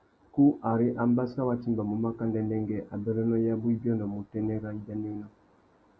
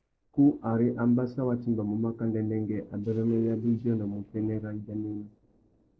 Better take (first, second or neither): first